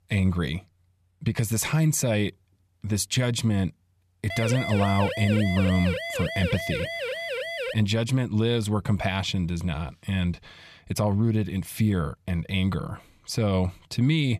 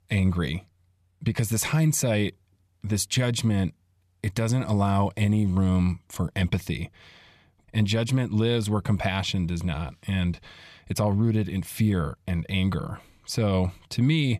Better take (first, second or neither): second